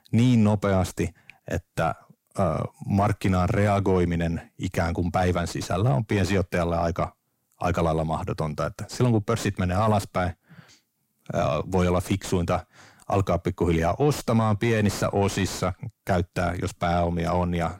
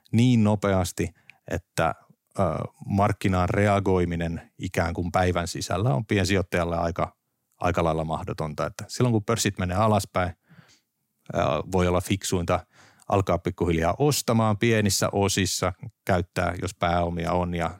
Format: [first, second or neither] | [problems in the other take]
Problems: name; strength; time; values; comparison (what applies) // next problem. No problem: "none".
second | distortion; slight; 10 dB below the speech